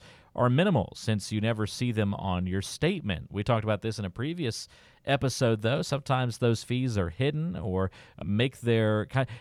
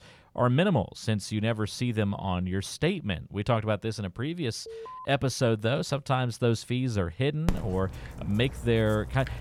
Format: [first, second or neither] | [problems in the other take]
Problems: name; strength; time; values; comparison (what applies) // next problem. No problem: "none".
first | alarm; faint; at 4.5 s; peak 15 dB below the speech // dog barking; noticeable; from 7.5 s on; peak 6 dB below the speech